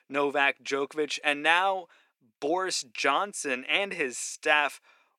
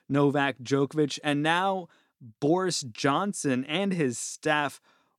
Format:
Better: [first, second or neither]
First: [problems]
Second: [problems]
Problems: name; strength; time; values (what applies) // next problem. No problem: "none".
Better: second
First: thin; somewhat; fading below 550 Hz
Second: none